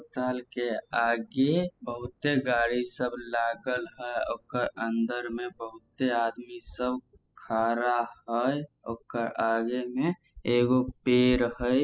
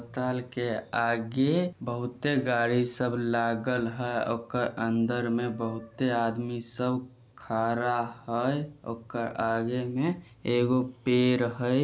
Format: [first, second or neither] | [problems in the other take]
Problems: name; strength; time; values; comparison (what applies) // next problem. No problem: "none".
second | noise reduction (classical method spectral subtraction)